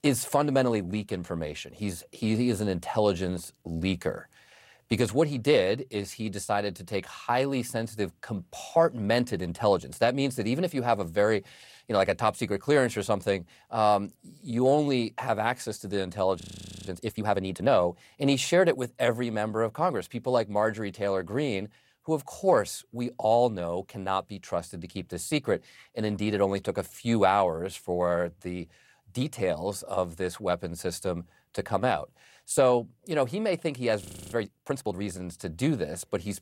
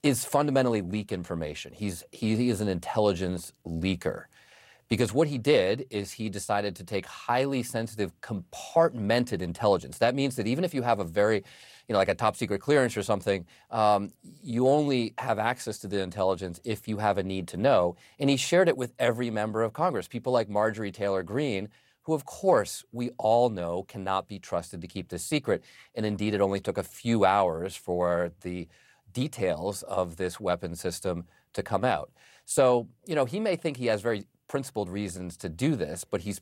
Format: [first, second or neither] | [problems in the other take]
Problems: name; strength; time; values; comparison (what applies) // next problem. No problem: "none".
second | audio freezing; at 16 s and at 34 s